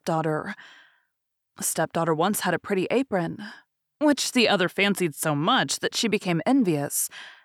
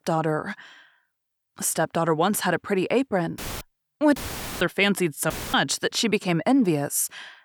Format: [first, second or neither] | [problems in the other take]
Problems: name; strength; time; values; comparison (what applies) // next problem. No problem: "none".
first | audio cutting out; filled with static; at 3.5 s, at 4 s and at 5.5 s